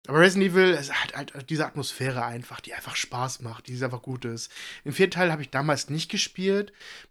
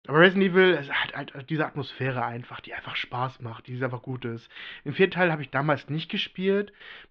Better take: first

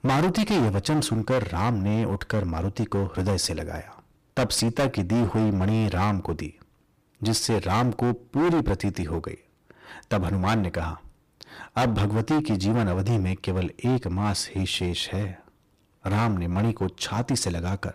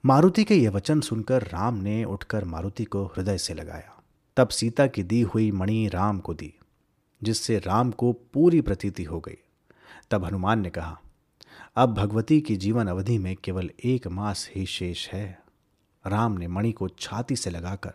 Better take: second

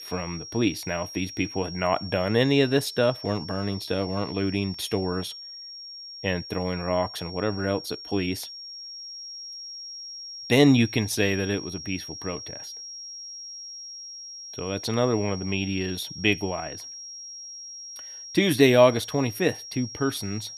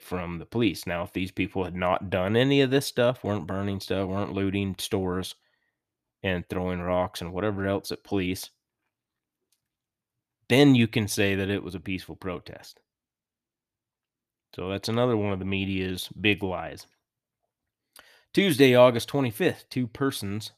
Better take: second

